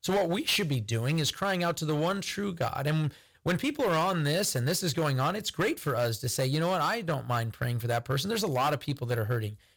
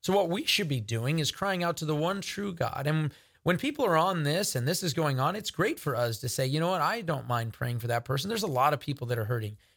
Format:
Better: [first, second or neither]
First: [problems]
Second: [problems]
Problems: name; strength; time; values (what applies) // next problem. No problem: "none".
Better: second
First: distortion; slight; 8% of the sound clipped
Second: none